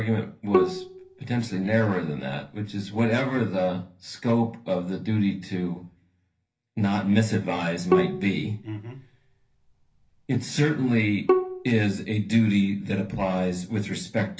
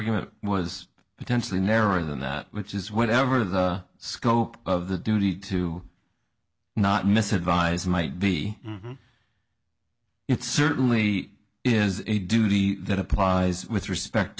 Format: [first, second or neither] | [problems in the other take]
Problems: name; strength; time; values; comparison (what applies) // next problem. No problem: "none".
second | background sound (Bowed string instrument); 4 dB below the speech // room echo; dies away in 0.3 s